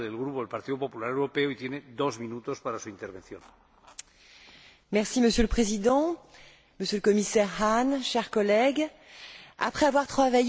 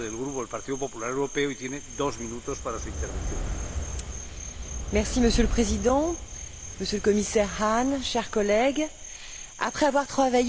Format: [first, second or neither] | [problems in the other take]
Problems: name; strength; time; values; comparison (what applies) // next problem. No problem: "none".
first | background sound (Fire + Cricket); 7 dB below the speech